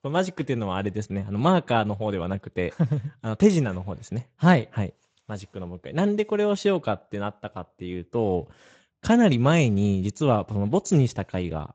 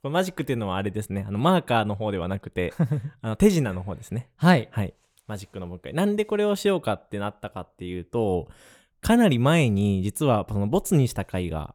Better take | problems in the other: second | garbled, watery; slightly; nothing above 7.5 kHz

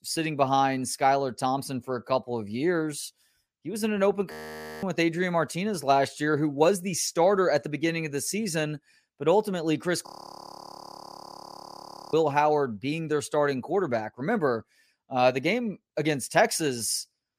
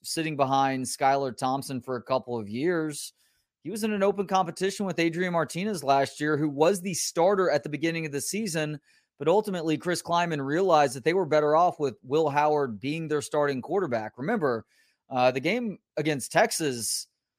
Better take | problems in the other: second | audio freezing; at 4.5 s for 0.5 s and at 10 s for 2 s

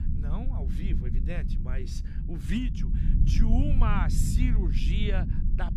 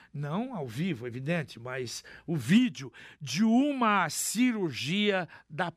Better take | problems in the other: second | low rumble; loud; throughout; 5 dB below the speech

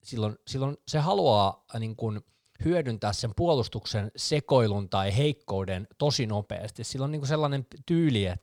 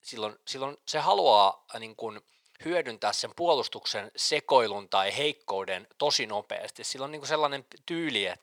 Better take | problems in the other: first | thin; very; fading below 500 Hz

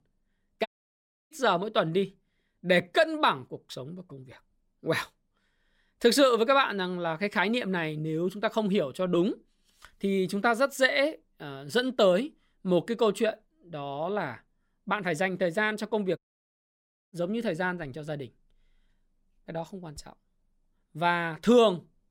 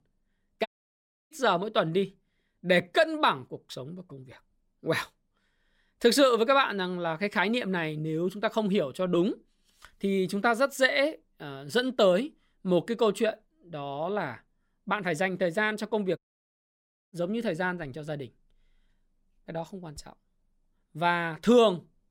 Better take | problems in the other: neither | audio cutting out; at 0.5 s for 0.5 s and at 16 s for 1 s; the same in both

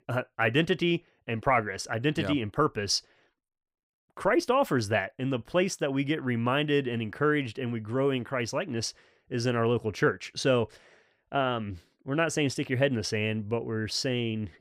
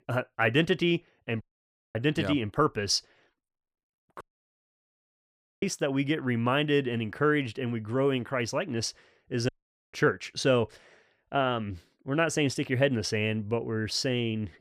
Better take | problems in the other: first | audio cutting out; at 1.5 s for 0.5 s, at 4 s for 1.5 s and at 9.5 s

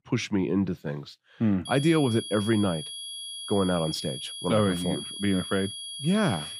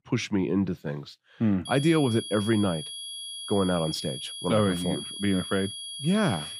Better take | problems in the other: neither | high-pitched whine; loud; from 1.5 s on; 3.5 kHz, 8 dB below the speech; the same in both

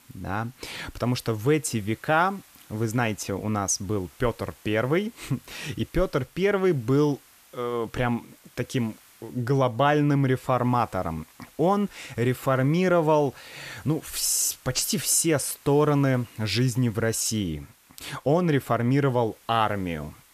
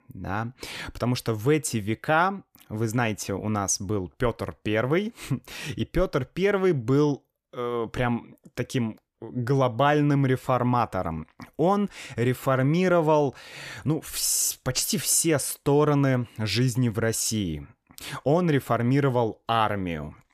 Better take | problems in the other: second | hiss; faint; throughout; 25 dB below the speech

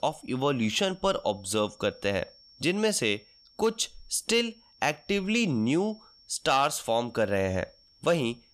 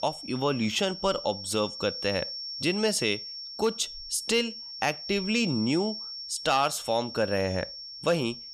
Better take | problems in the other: first | high-pitched whine; loud; throughout; 5.5 kHz, 8 dB below the speech; faint in the first

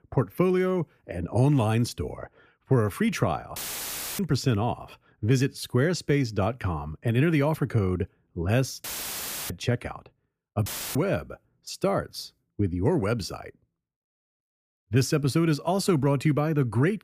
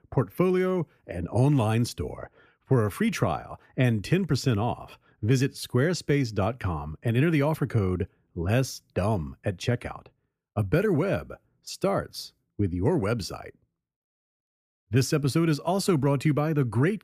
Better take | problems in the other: second | audio cutting out; filled with static; at 3.5 s for 0.5 s, at 9 s for 0.5 s and at 11 s

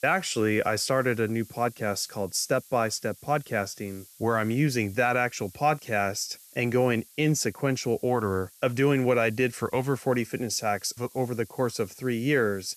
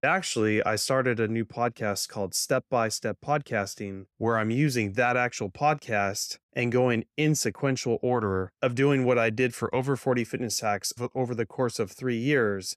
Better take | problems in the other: second | hiss; faint; throughout; 20 dB below the speech

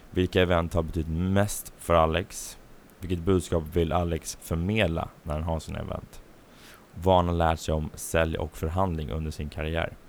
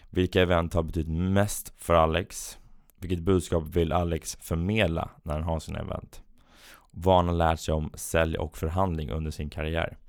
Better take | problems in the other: second | hiss; faint; throughout; 25 dB below the speech

